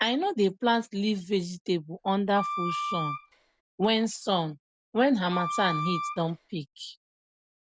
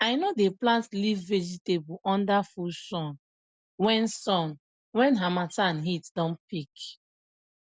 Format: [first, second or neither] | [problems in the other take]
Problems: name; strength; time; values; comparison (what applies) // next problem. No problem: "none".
second | background sound (Wind instrument, woodwind instrument); 5 dB below the speech